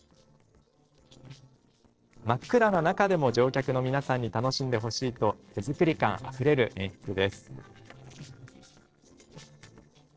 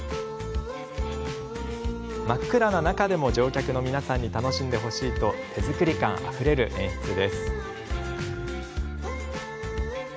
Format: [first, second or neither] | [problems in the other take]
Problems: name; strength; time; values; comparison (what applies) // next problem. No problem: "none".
second | noise reduction (neural separator model SepFormer DNS4)